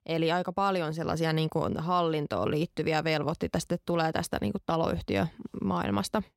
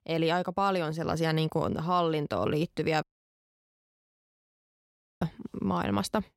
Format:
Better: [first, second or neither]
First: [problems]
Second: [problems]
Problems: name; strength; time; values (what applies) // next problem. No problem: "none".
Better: first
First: none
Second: audio cutting out; at 3 s for 2 s